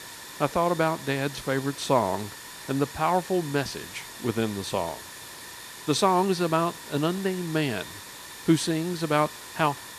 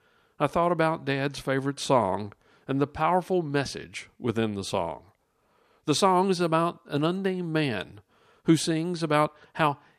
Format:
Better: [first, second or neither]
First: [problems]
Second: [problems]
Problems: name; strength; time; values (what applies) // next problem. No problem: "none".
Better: second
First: hiss; noticeable; throughout; 15 dB below the speech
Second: none